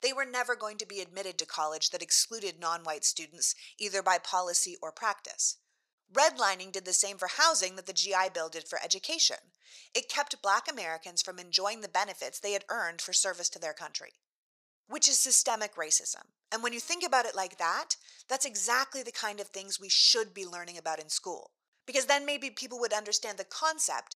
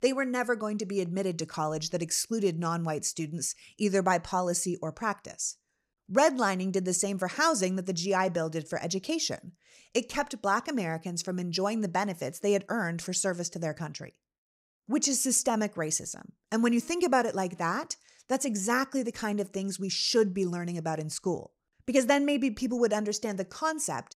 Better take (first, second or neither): second